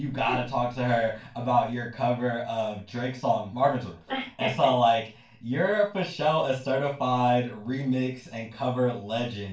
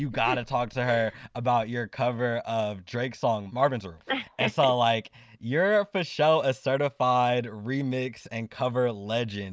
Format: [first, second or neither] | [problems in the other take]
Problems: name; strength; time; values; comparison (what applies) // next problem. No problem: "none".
second | room echo; dies away in 0.3 s